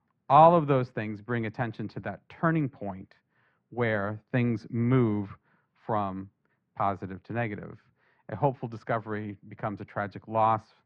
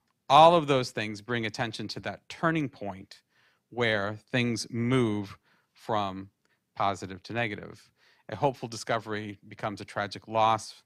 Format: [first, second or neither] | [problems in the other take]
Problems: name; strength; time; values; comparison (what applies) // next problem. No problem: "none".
second | muffled; very; fading above 1.5 kHz